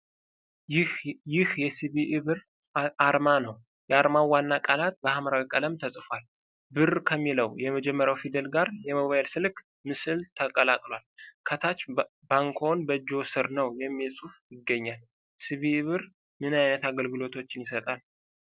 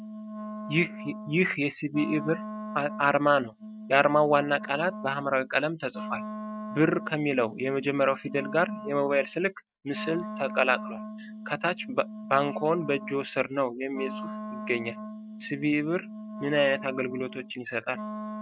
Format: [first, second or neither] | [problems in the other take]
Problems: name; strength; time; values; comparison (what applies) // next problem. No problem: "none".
first | noise reduction (neural mask model RNNoise)